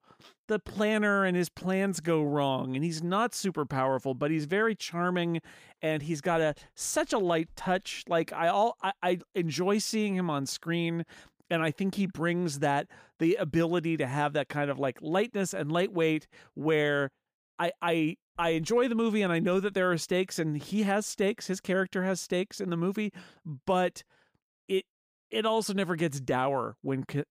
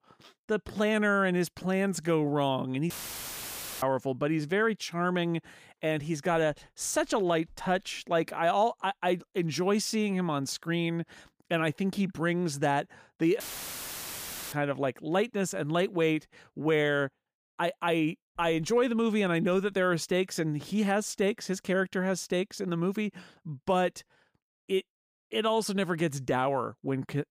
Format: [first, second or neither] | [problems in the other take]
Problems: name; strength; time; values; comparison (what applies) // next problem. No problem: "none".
first | audio cutting out; filled with static; at 3 s for 1 s and at 13 s for 1 s